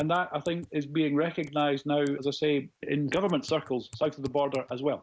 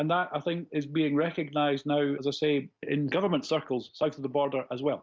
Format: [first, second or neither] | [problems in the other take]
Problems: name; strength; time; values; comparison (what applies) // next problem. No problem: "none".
second | noise reduction (neural mask model Resemble Enhance denoiser)